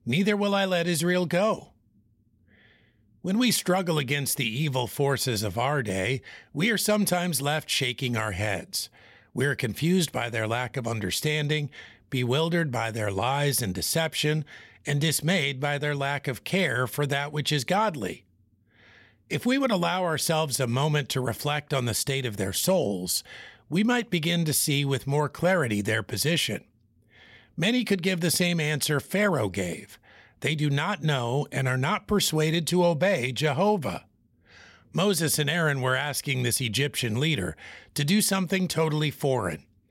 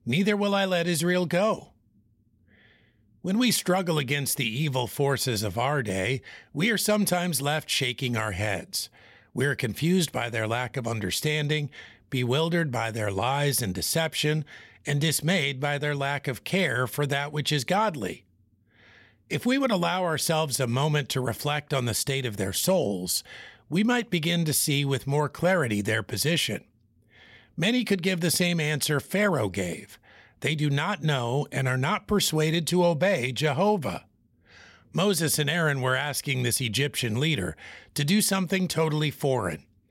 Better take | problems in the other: neither | none

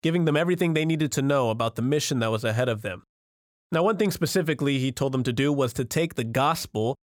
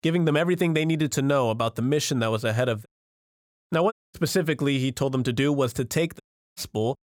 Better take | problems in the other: first | audio cutting out; at 3 s, at 4 s and at 6 s

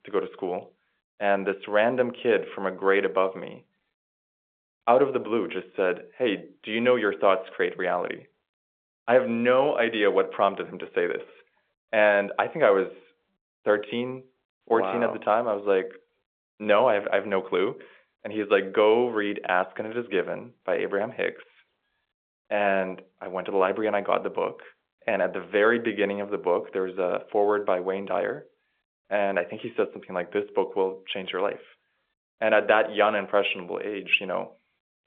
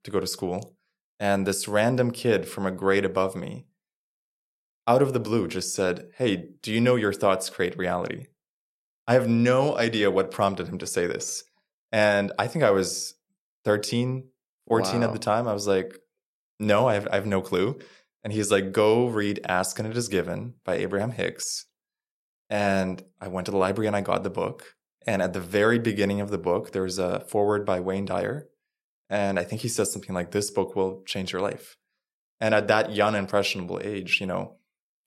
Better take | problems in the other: second | phone-call audio

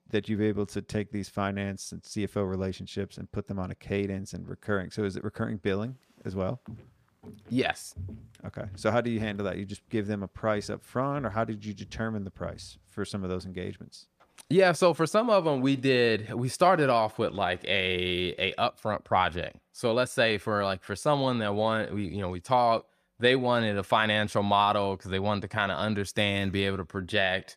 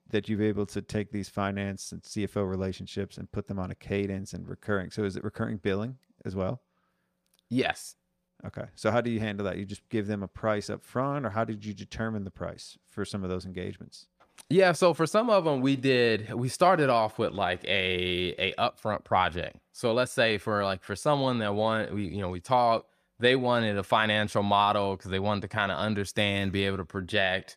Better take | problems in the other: second | footsteps; faint; from 6.5 to 13 s; peak 15 dB below the speech

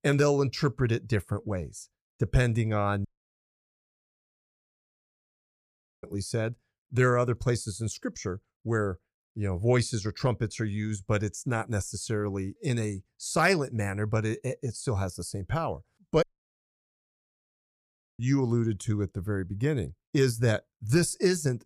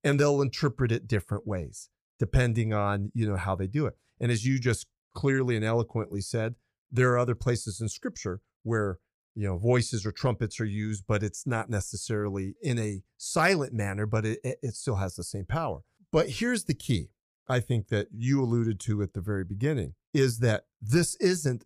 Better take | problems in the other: second | audio cutting out; at 3 s for 3 s and at 16 s for 2 s

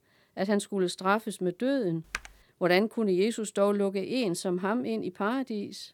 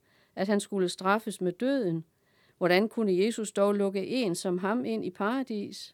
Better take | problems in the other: second | keyboard typing; faint; at 2 s; peak 10 dB below the speech

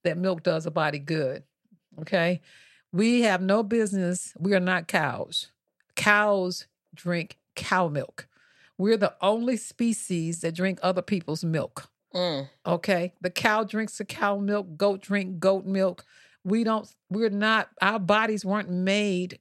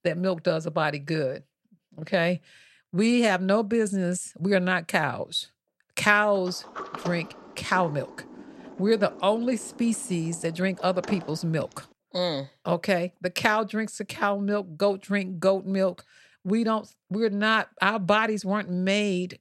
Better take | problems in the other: first | door banging; noticeable; from 6.5 to 12 s; peak 10 dB below the speech

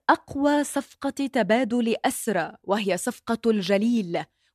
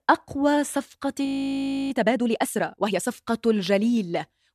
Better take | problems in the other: first | audio freezing; at 1.5 s for 0.5 s

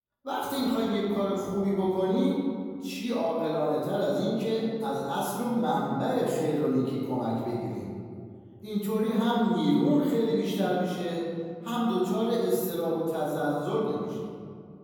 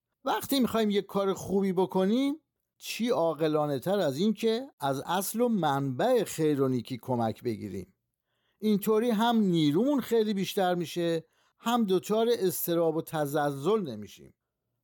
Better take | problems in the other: second | room echo; noticeable; dies away in 2.2 s // off-mic speech; far

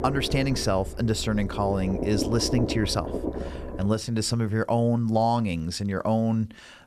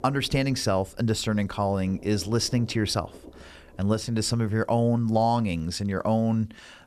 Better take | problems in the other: second | low rumble; loud; until 4 s; 8 dB below the speech; faint in the second

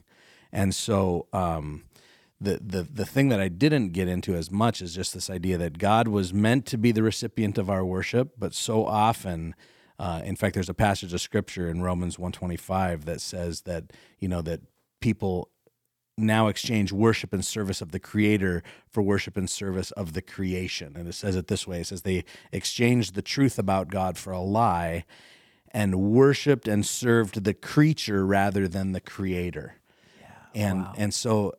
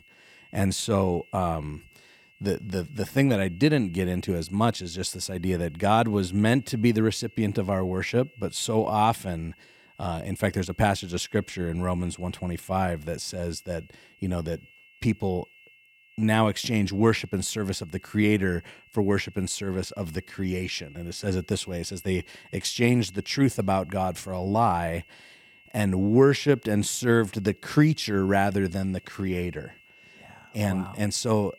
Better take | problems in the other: first | high-pitched whine; faint; throughout; 2.5 kHz, 25 dB below the speech

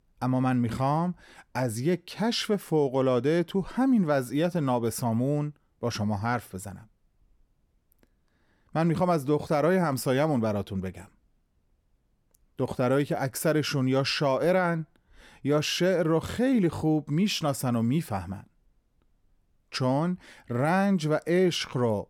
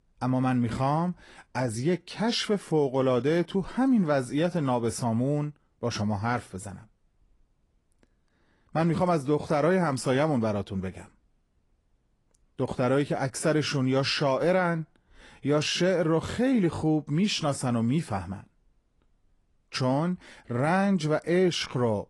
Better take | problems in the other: first | garbled, watery; slightly; nothing above 10.5 kHz

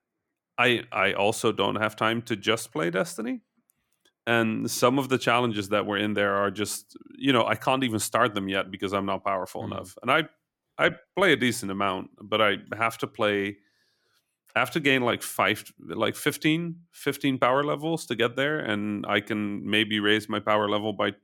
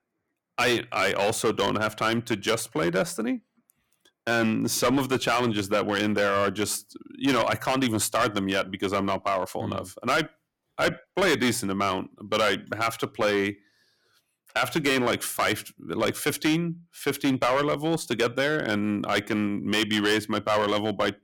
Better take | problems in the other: first | distortion; heavy; 7% of the sound clipped

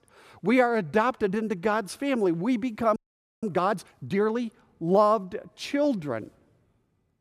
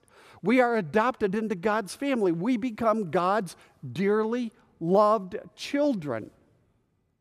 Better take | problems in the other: second | audio freezing; at 3 s

